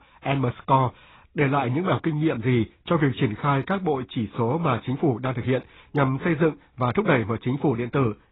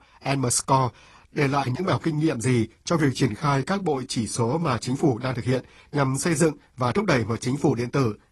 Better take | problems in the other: second | garbled, watery; badly; nothing above 4 kHz; slightly in the second

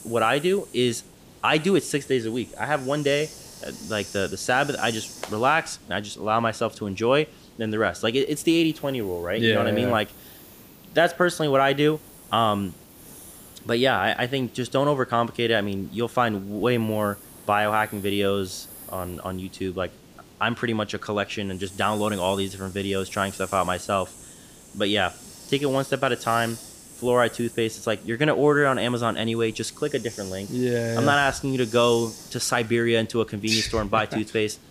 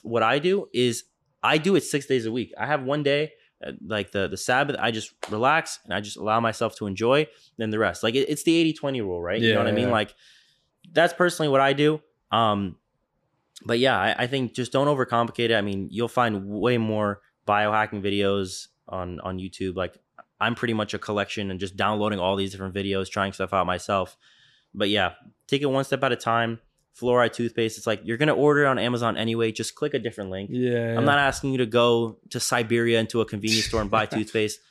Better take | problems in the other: second | hiss; noticeable; throughout; 20 dB below the speech

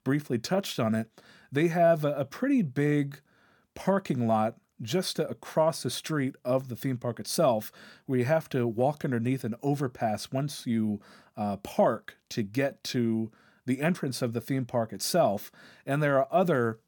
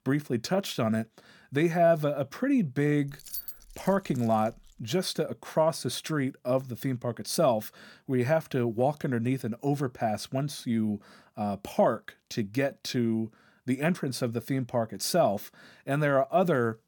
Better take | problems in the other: first | jangling keys; noticeable; from 3 to 4.5 s; peak 7 dB below the speech

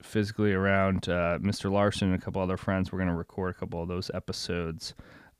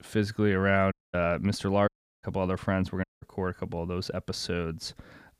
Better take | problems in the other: first | audio cutting out; at 1 s, at 2 s and at 3 s

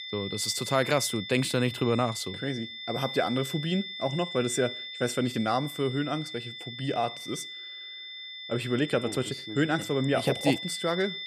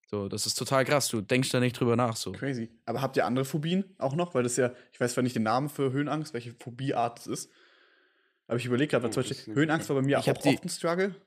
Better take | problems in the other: second | high-pitched whine; loud; throughout; 3.5 kHz, 8 dB below the speech

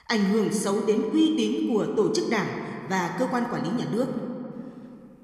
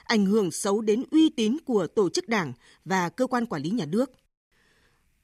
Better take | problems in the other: second | room echo; slight; dies away in 2.1 s

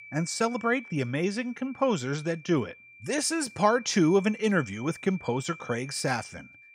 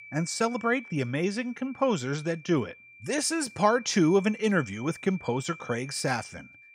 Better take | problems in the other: neither | high-pitched whine; noticeable; throughout; 2.5 kHz, 20 dB below the speech; the same in both

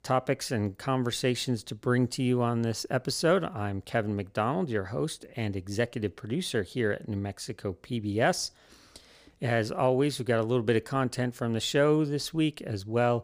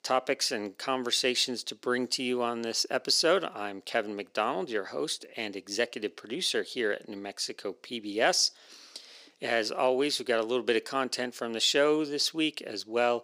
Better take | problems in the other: first | thin; somewhat; fading below 300 Hz

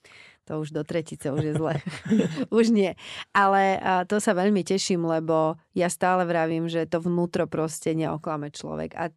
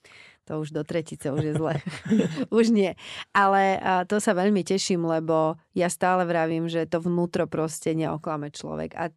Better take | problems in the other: neither | none

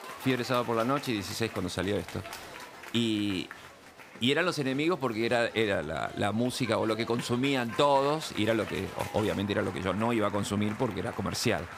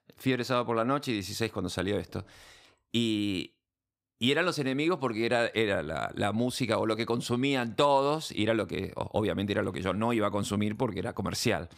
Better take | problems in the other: second | crowd noise; noticeable; throughout; 15 dB below the speech

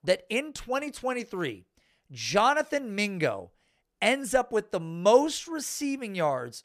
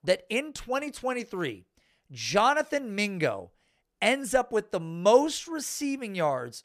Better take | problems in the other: neither | none

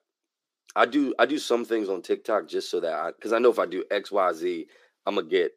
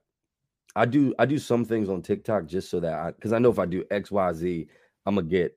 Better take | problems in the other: second | thin; somewhat; fading below 300 Hz

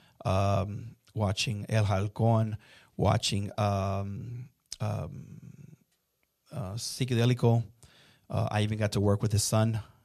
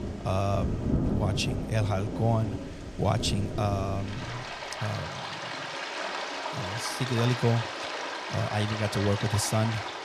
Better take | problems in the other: first | rain or running water; loud; throughout; 4 dB below the speech

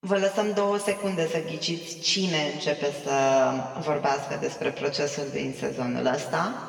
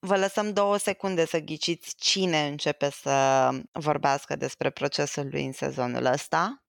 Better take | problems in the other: second | room echo; noticeable; dies away in 1.7 s // off-mic speech; far

